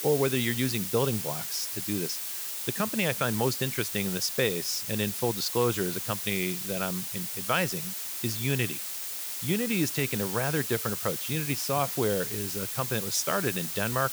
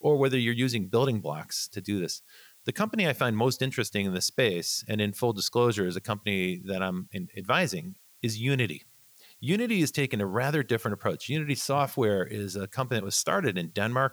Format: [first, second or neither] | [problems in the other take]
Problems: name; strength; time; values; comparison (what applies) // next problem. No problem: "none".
second | hiss; loud; throughout; 2 dB below the speech; faint in the second